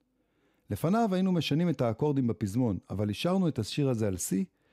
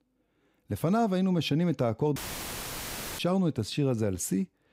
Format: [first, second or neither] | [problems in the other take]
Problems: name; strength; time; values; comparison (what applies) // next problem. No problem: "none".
first | audio cutting out; filled with static; at 2 s for 1 s